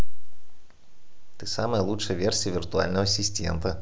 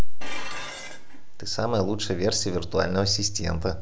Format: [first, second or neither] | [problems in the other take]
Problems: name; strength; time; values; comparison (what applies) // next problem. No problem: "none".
first | background sound (Dishes, pots, and pans); 19 dB below the speech